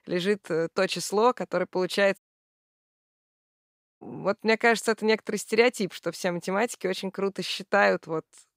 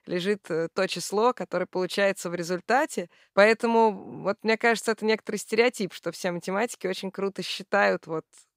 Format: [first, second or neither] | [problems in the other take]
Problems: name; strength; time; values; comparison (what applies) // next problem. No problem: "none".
second | audio cutting out; at 2 s for 2 s